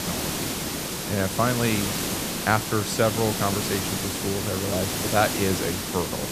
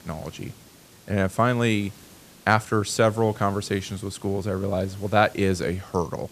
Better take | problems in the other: second | hiss; loud; throughout; 1 dB below the speech; faint in the second

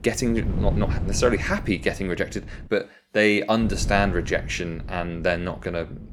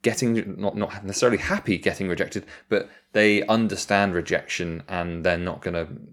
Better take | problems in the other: second | wind noise on the microphone; occasional gusts; until 2.5 s and from 3.5 s on; 20 dB below the speech

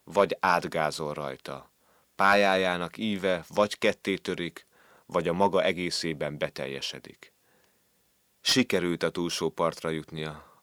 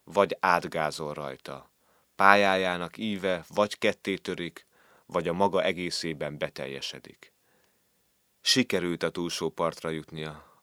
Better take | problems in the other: second | distortion; slight; 10 dB below the speech

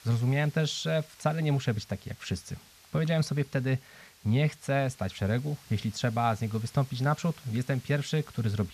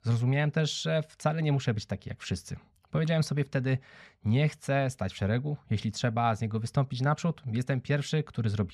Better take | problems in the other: second | hiss; faint; throughout; 20 dB below the speech

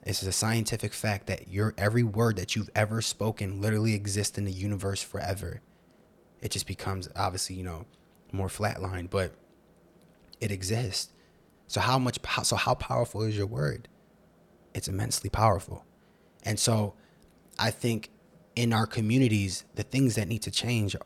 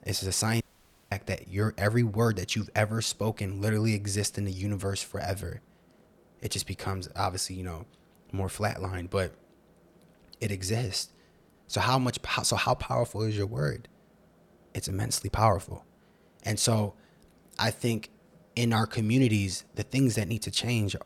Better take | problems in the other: first | audio cutting out; at 0.5 s for 0.5 s

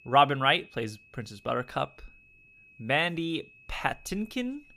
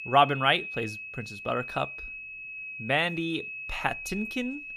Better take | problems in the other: first | high-pitched whine; loud; throughout; 2.5 kHz, 8 dB below the speech; faint in the first

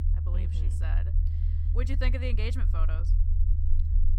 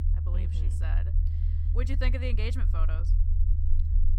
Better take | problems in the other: neither | low rumble; loud; throughout; 7 dB below the speech; the same in both

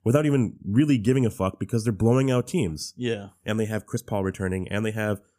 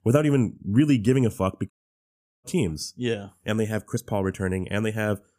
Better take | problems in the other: first | audio cutting out; at 1.5 s for 0.5 s

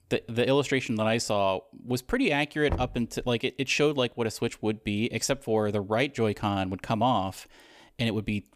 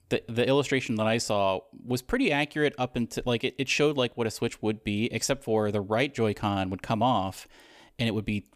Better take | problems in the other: second | door banging; noticeable; at 2.5 s; peak 8 dB below the speech

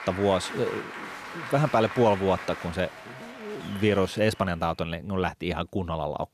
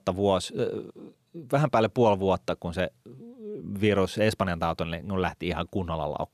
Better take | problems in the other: second | crowd noise; noticeable; until 4 s; 10 dB below the speech

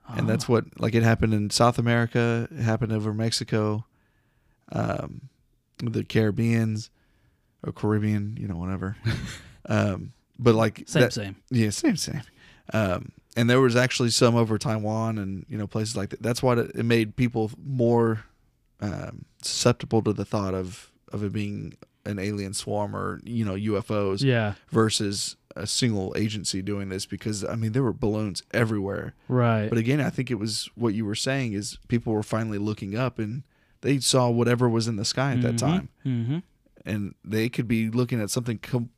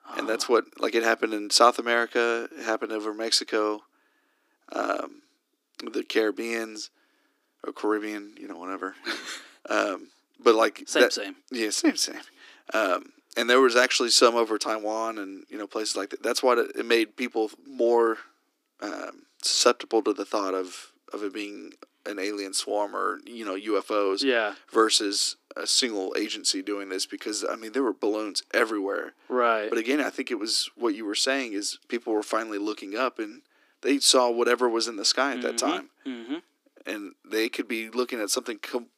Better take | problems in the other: first | thin; somewhat; fading below 300 Hz

